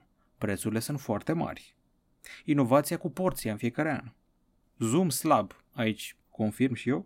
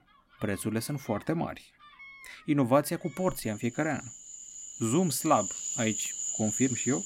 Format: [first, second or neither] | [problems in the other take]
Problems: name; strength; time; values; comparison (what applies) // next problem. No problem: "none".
first | animal sounds; loud; throughout; 5 dB below the speech